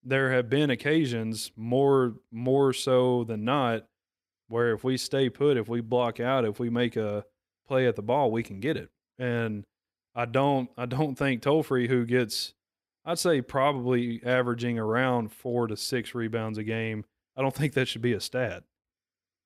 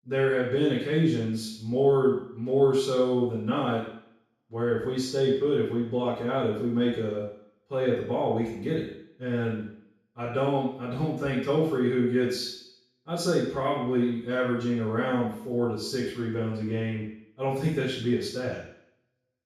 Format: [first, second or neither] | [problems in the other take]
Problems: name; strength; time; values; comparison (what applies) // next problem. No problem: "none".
first | room echo; noticeable; dies away in 0.6 s // off-mic speech; far